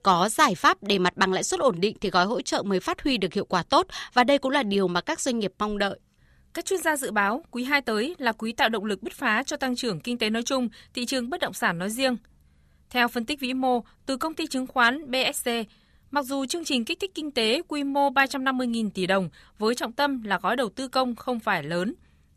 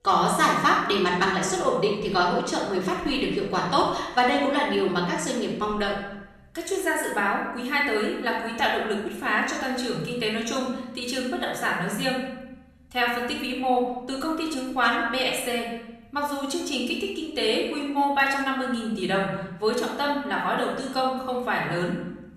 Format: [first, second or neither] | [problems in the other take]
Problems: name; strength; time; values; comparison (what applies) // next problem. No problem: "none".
first | room echo; noticeable; dies away in 0.9 s // off-mic speech; far